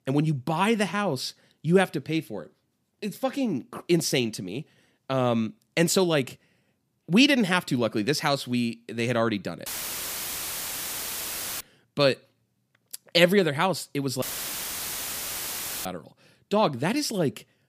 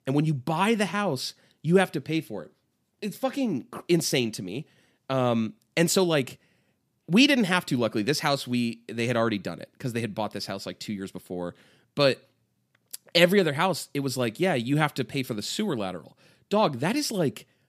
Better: second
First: audio cutting out; filled with static; at 9.5 s for 2 s and at 14 s for 1.5 s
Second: none

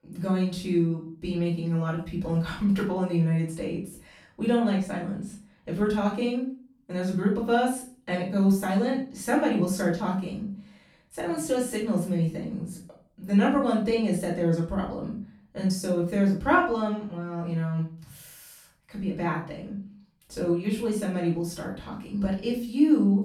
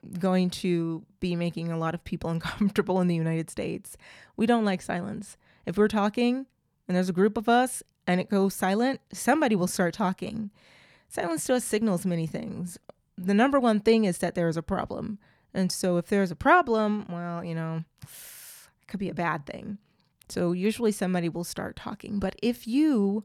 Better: second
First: off-mic speech; far // room echo; noticeable; dies away in 0.4 s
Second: none

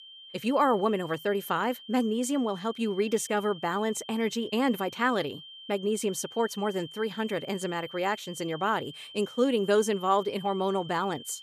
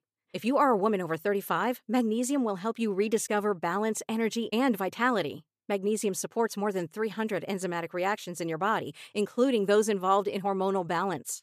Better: second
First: high-pitched whine; noticeable; throughout; 3 kHz, 15 dB below the speech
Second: none

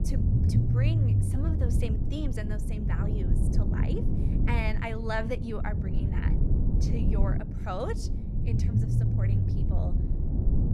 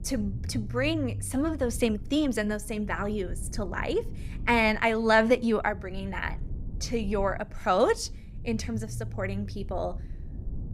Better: second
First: low rumble; loud; throughout; 2 dB below the speech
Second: low rumble; faint; throughout; 25 dB below the speech

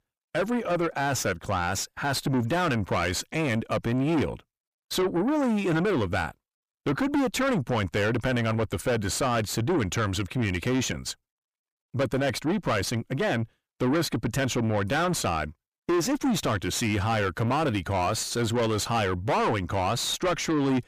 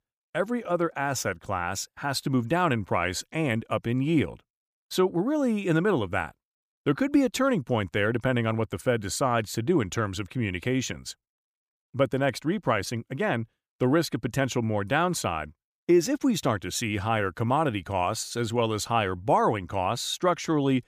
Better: second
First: distortion; heavy; 5 dB below the speech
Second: none

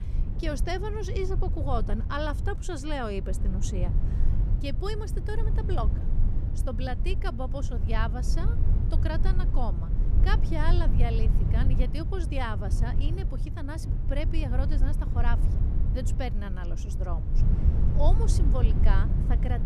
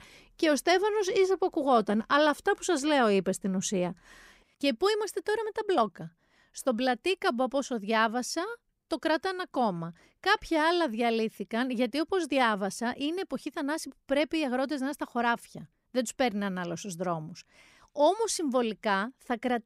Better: second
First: low rumble; loud; throughout; 8 dB below the speech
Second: none

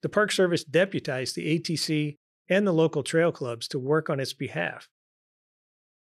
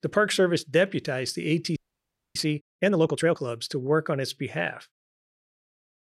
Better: first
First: none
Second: audio freezing; at 2 s for 0.5 s

